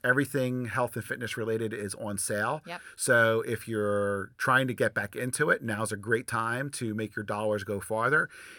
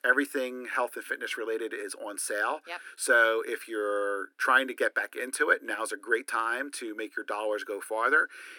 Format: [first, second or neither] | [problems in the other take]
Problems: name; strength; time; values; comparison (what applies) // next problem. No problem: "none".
first | thin; somewhat; fading below 250 Hz